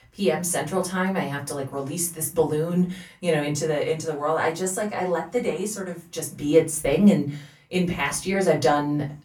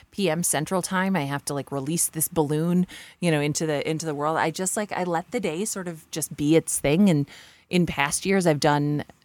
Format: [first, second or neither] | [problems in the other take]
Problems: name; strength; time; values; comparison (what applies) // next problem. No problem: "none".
second | off-mic speech; far // room echo; very slight; dies away in 0.2 s